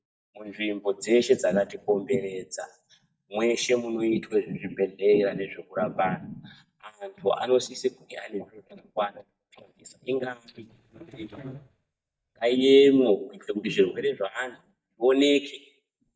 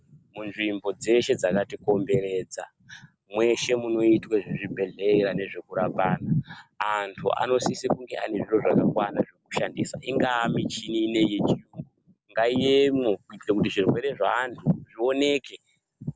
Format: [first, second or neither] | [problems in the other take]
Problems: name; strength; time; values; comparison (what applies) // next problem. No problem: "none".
second | noise reduction (neural mask model DeepFilterNet 3)